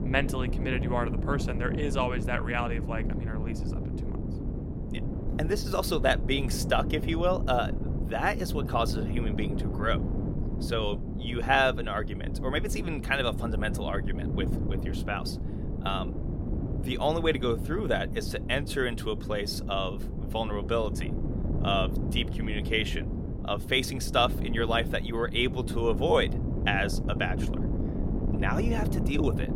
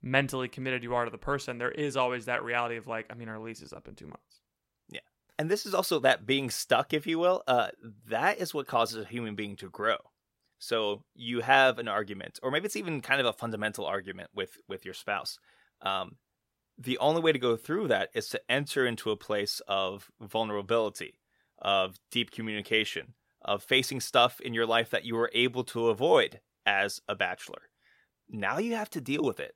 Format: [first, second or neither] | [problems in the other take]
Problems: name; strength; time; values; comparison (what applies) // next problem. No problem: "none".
second | wind noise on the microphone; occasional gusts; 10 dB below the speech